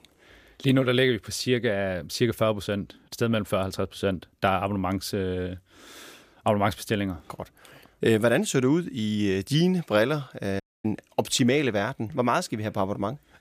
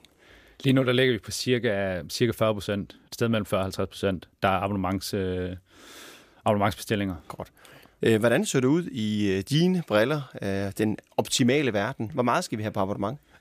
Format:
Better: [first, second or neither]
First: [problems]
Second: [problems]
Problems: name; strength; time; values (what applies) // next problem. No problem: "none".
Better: second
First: audio cutting out; at 11 s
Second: none